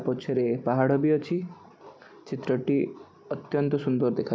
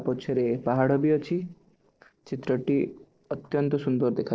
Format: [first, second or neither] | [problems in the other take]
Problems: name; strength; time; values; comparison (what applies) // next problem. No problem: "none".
first | noise reduction (neural separator model SepFormer DNS4)